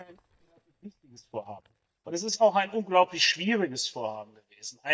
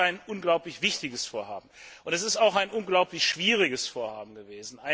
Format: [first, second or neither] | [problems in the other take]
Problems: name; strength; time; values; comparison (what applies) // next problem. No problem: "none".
second | noise reduction (neural mask model DeepFilterNet 3)